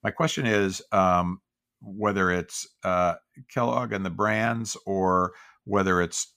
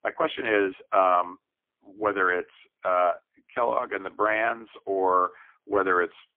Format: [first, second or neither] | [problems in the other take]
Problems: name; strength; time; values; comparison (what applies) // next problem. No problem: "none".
first | phone-call audio; poor line; nothing above 3.5 kHz